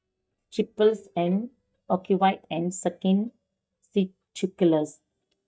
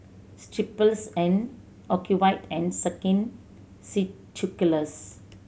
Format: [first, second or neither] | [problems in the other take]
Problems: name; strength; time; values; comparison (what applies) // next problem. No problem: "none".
second | noise reduction (neural mask model DeepFilterNet 3)